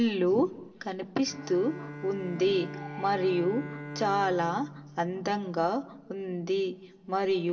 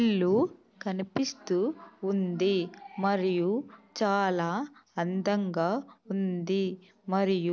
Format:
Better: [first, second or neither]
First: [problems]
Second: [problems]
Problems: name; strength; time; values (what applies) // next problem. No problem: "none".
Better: second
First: background sound (Bowed string instrument); 14 dB below the speech // room echo; dies away in 1.4 s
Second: none